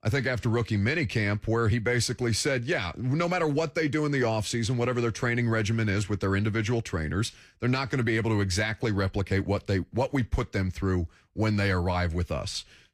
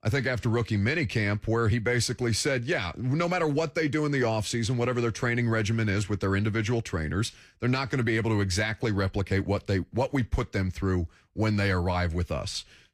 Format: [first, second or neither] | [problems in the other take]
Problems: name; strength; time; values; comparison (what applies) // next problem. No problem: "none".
neither | none